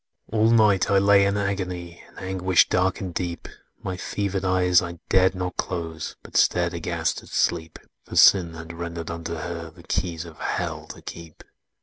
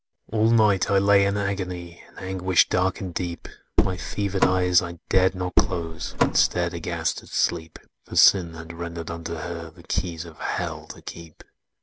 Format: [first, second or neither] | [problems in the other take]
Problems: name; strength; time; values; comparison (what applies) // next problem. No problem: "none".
first | background sound (Car); 2 dB above the speech